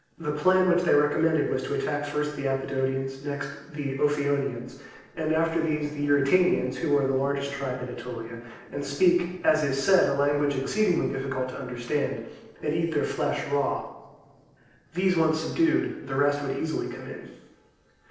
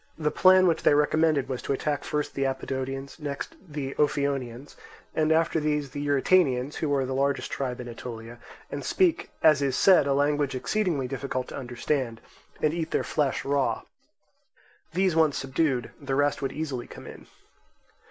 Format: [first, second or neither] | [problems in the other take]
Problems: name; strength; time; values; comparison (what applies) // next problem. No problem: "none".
second | noise reduction (neural separator model SepFormer DNS4)